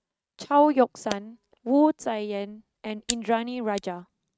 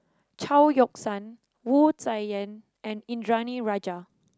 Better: second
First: noise reduction (neural mask model RNNoise)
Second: none

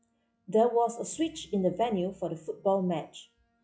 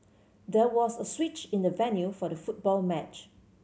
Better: second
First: noise reduction (classical method log-MMSE)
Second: none

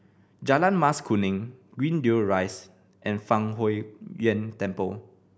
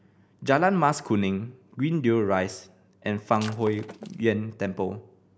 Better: first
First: none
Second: background sound (Shatter); 17 dB below the speech

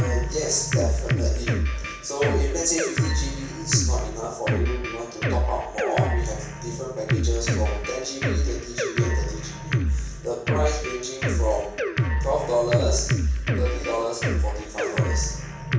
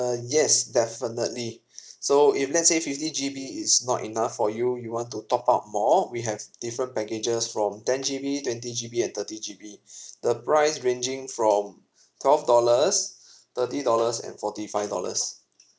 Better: second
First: background sound (Drum kit); 4 dB above the speech // room echo; dies away in 0.7 s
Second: none

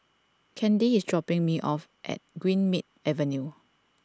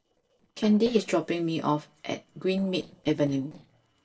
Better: first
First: none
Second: noise reduction (neural separator model SepFormer DNS4)

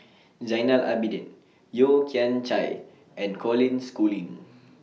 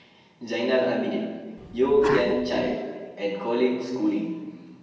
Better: first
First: none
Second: background sound (Sneeze); 7 dB below the speech // room echo; dies away in 1.3 s

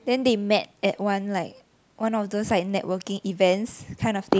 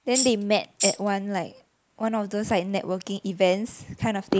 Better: first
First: none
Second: noise reduction (neural mask model Resemble Enhance denoiser)

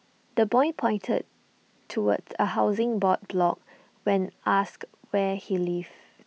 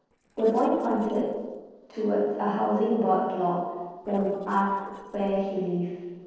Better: first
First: none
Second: noise reduction (neural separator model SepFormer DNS4)

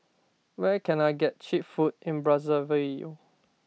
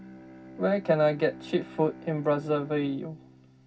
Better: first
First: none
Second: background sound (Bowed string instrument); 17 dB below the speech // room echo; dies away in 0.4 s

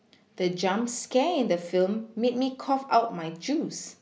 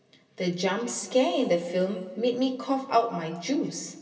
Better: first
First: none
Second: room echo; dies away in 1.9 s

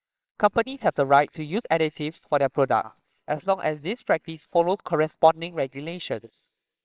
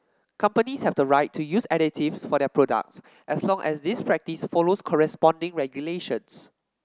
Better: second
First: noise reduction (neural separator model SepFormer WHAMR!)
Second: none

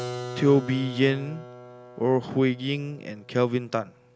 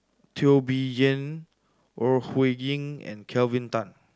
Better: second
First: background sound (Keyboard (musical)); 14 dB below the speech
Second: none

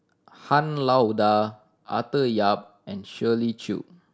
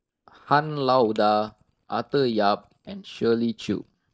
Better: first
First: none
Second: noise reduction (neural mask model DeepFilterNet 3)

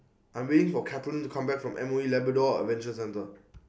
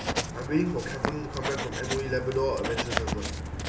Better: first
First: none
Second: background sound (Writing); 1 dB below the speech // room echo; dies away in 2.4 s

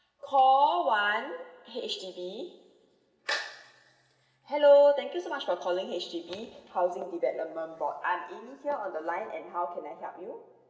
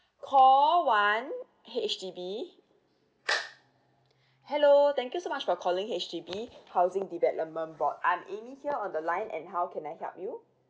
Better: second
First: room echo; dies away in 2.4 s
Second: none

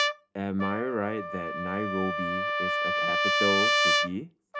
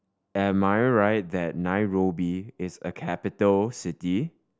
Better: second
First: background sound (Trumpet); 5 dB above the speech // room echo; dies away in 0.3 s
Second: none

